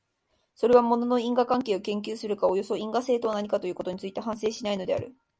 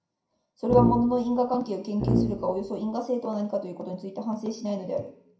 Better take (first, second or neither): first